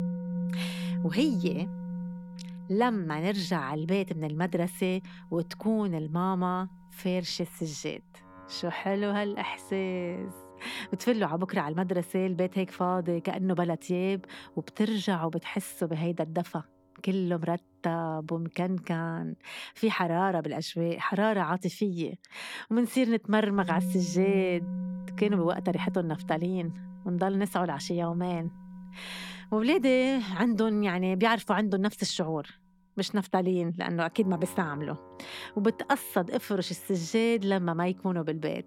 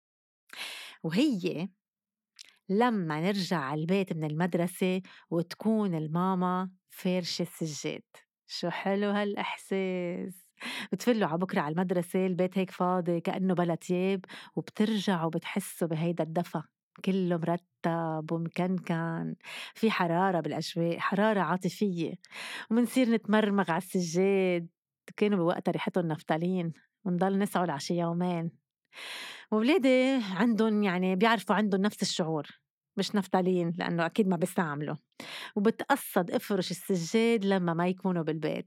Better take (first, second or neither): second